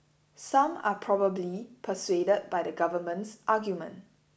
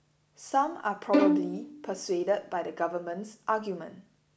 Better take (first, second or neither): first